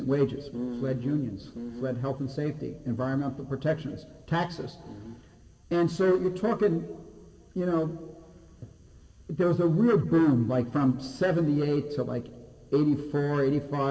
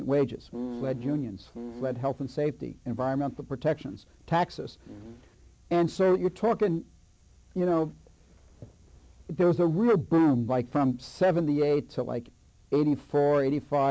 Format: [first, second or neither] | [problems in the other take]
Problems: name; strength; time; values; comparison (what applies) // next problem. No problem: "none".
second | room echo; dies away in 1.4 s